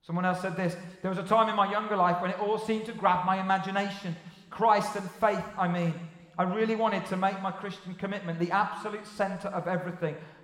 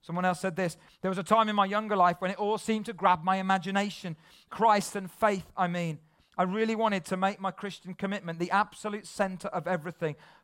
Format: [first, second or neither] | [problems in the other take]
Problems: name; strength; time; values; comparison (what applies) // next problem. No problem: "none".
second | room echo; slight; dies away in 1.5 s